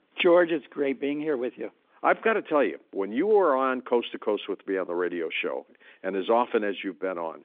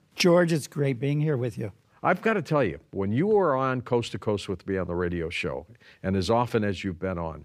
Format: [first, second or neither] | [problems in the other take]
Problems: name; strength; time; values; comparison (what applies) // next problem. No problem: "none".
second | phone-call audio; nothing above 3.5 kHz